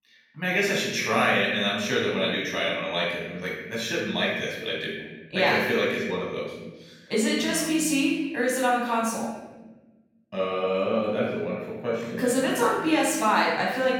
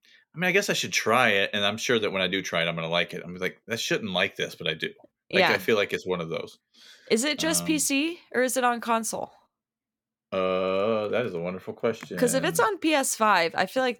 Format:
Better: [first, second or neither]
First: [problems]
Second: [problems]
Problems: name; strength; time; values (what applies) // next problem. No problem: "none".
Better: second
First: off-mic speech; far // room echo; noticeable; dies away in 1.1 s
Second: none